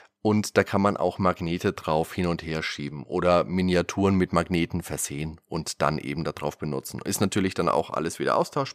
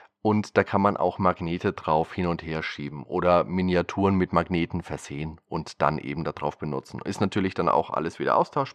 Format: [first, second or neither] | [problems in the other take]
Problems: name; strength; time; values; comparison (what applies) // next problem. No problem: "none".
first | muffled; slightly; fading above 3.5 kHz